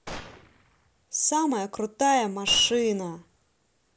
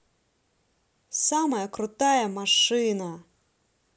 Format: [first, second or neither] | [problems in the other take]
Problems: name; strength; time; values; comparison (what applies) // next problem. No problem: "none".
second | background sound (Gunshot, gunfire); 17 dB below the speech